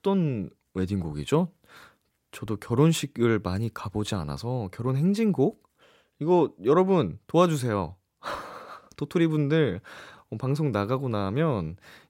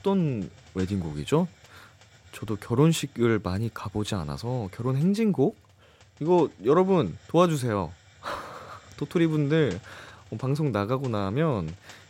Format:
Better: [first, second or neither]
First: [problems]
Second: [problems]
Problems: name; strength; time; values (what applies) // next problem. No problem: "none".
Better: first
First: none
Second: hiss; faint; throughout; 25 dB below the speech